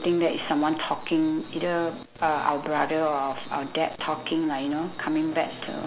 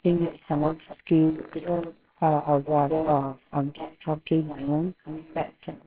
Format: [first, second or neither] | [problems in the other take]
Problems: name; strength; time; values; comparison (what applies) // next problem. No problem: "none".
first | noise reduction (neural separator model SepFormer WHAMR!)